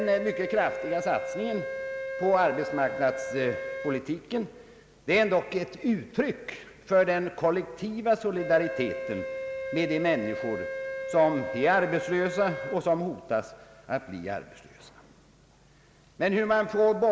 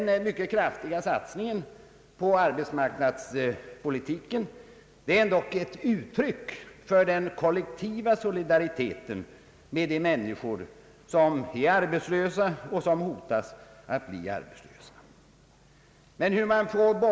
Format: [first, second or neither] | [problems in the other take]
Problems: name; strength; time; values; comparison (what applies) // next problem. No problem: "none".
second | background sound (Wind instrument, woodwind instrument); 9 dB below the speech